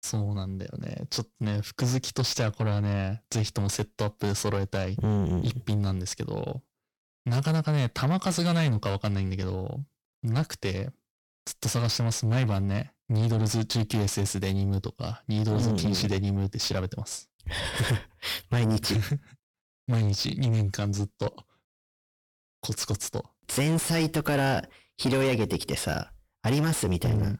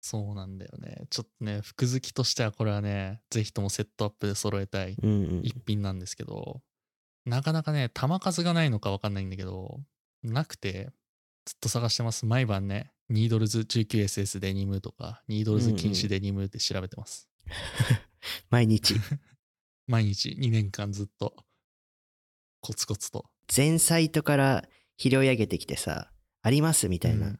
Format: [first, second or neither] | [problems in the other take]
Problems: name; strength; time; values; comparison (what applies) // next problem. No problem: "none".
second | distortion; heavy; 6 dB below the speech